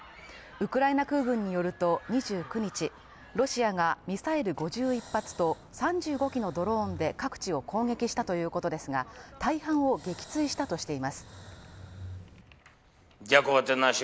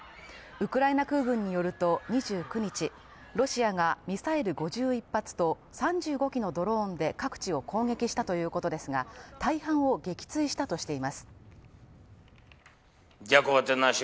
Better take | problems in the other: second | background sound (Breathing); 18 dB below the speech

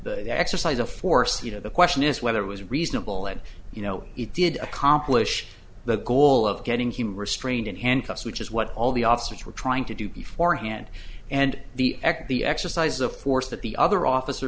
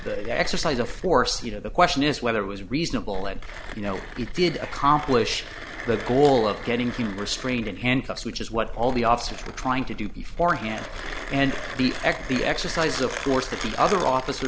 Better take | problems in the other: first | background sound (Mechanisms); 13 dB below the speech

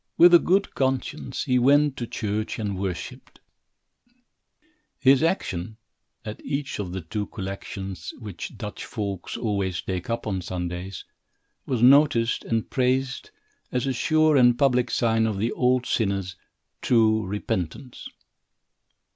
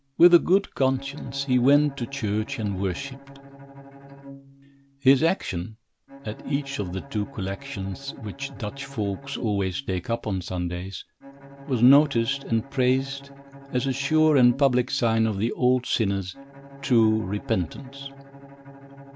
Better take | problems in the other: first | background sound (Bowed string instrument); 19 dB below the speech

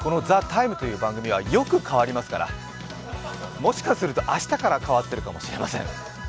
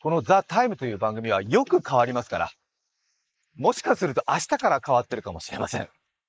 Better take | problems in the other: first | noise reduction (neural mask model Resemble Enhance denoiser)

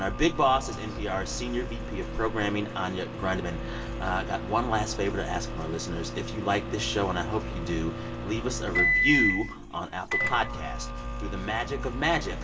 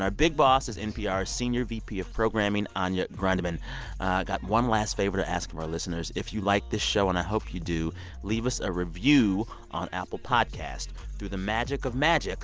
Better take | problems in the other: second | background sound (Microwave oven); 4 dB below the speech // room echo; dies away in 2.9 s

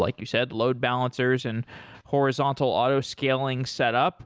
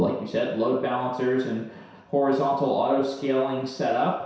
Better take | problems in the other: first | room echo; dies away in 0.7 s

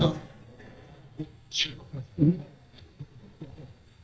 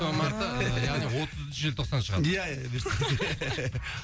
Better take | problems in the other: second | noise reduction (neural mask model DeepFilterNet 3)

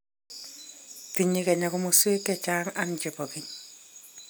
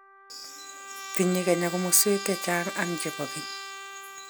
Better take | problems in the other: first | background sound (Trumpet); 11 dB below the speech

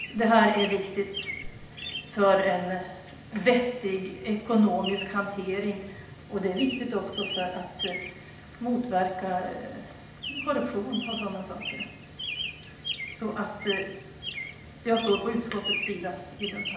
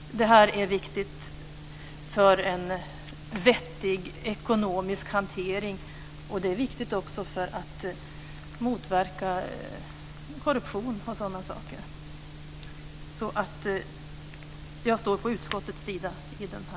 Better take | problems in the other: second | background sound (Chirp, tweet); 10 dB below the speech // room echo; dies away in 0.8 s

